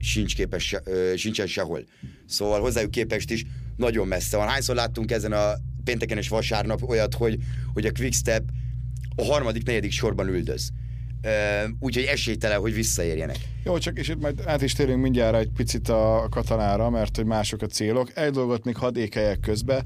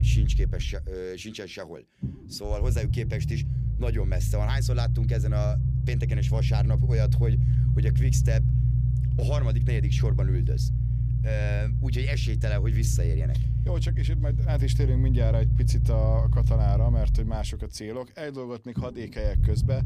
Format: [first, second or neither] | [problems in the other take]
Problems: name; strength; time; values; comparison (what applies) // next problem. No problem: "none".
first | low rumble; loud; throughout; 2 dB below the speech; faint in the first